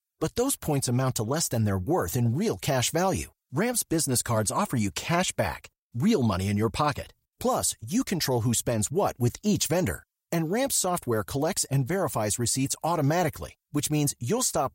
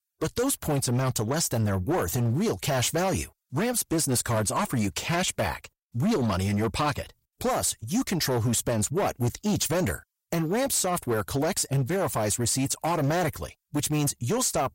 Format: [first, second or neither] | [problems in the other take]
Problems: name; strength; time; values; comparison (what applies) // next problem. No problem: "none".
first | distortion; slight; 14% of the sound clipped